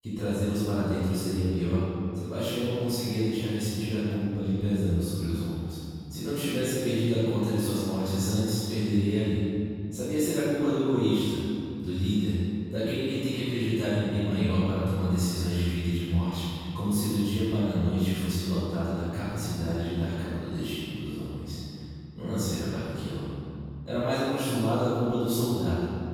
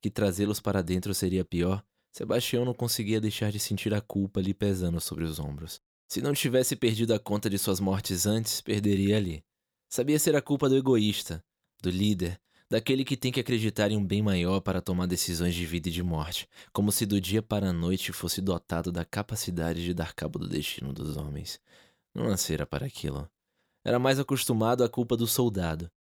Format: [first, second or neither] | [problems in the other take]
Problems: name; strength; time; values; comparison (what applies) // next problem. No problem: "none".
second | room echo; strong; dies away in 2.5 s // off-mic speech; far